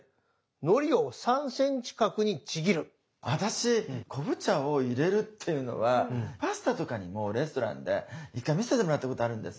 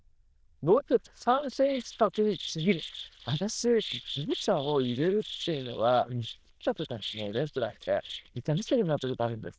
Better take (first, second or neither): first